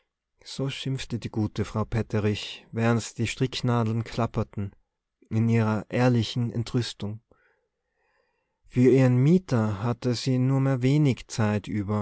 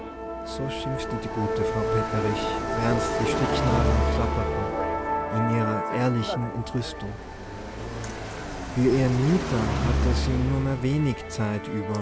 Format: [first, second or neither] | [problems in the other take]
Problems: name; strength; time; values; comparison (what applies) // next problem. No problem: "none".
first | background sound (Car passing by + Musical instrument); as loud as the speech